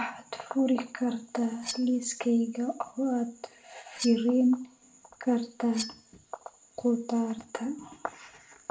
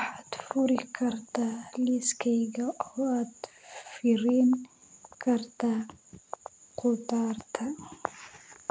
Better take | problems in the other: second | background sound (Cutlery, silverware); 14 dB below the speech // room echo; dies away in 0.3 s

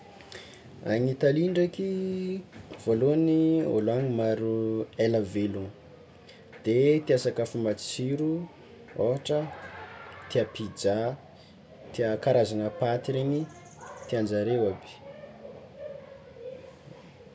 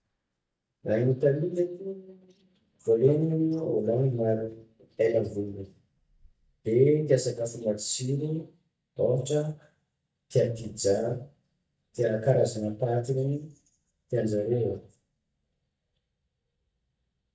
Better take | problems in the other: first | noise reduction (neural mask model DeepFilterNet 3)

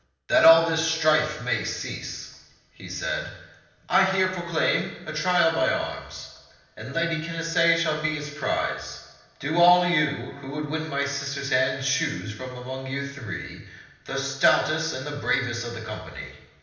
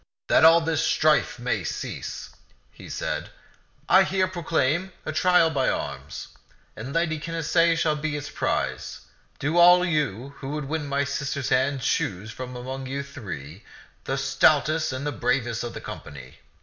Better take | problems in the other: second | room echo; dies away in 0.9 s

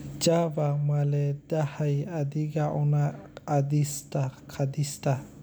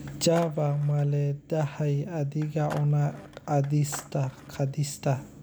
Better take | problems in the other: first | background sound (Skateboard); 20 dB below the speech

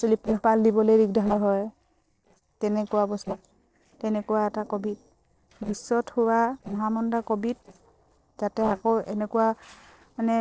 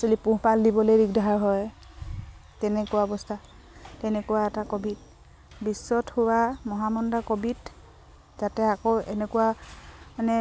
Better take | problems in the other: second | noise reduction (neural separator model SepFormer DNS4)

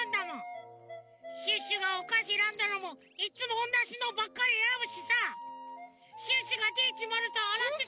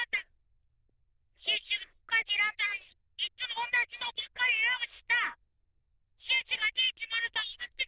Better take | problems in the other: first | noise reduction (neural diffusion model UNIVERSE++)

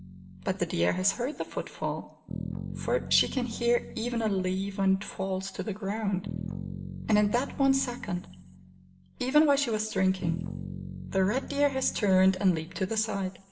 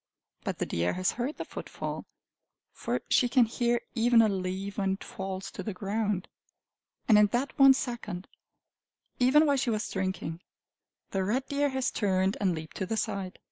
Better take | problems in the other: second | background sound (Bass guitar); 12 dB below the speech // room echo; dies away in 0.7 s

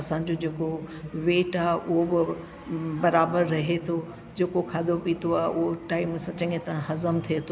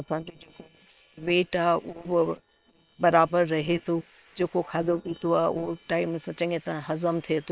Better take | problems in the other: first | noise reduction (neural separator model SepFormer WHAM!)

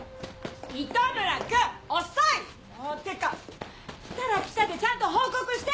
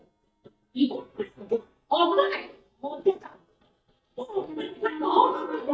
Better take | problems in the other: first | noise reduction (neural mask model DeepFilterNet 3)

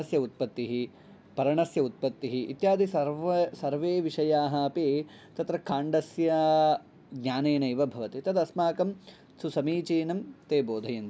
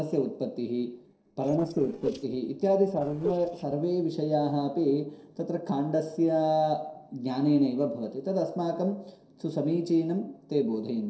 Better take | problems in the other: first | noise reduction (neural separator model SepFormer DNS4)

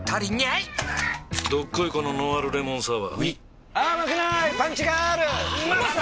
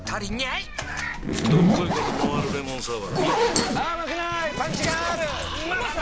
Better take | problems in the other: first | background sound (Zipper (clothing)); 2 dB above the speech

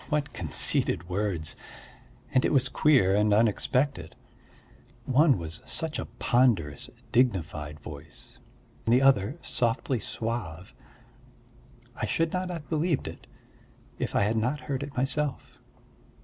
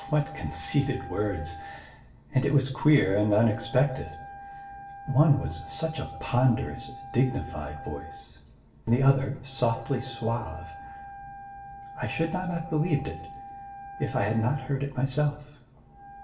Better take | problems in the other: first | background sound (Wind instrument, woodwind instrument); 15 dB below the speech // room echo; dies away in 0.7 s

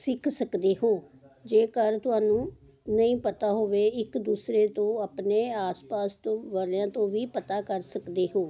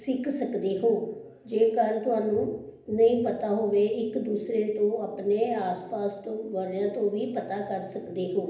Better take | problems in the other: first | room echo; dies away in 0.8 s

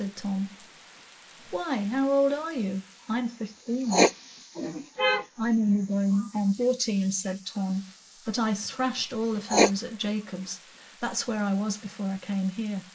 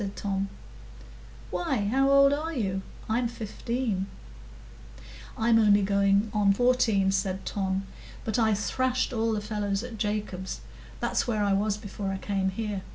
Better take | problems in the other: second | noise reduction (neural mask model Resemble Enhance denoiser)

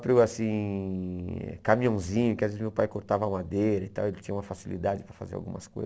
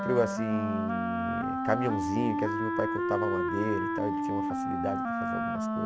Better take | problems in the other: first | background sound (Wind instrument, woodwind instrument); 2 dB above the speech

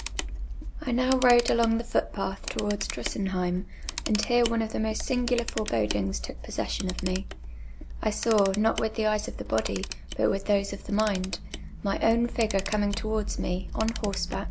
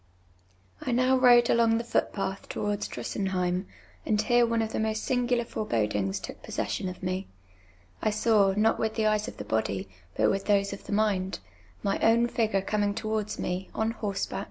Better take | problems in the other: second | background sound (Camera); 7 dB below the speech

